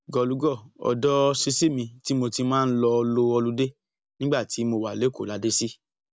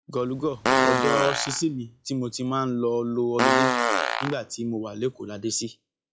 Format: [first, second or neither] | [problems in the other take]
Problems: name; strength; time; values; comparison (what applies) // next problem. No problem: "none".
first | noise reduction (classical method log-MMSE)